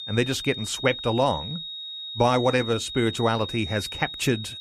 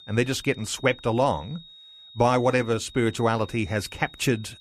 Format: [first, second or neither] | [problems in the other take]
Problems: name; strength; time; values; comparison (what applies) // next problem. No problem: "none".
second | high-pitched whine; loud; throughout; 3.5 kHz, 8 dB below the speech; faint in the second